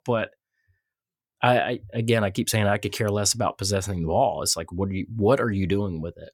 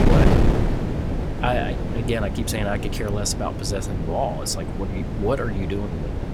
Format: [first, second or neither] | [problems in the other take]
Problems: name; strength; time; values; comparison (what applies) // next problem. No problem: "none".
first | wind noise on the microphone; heavy; 3 dB below the speech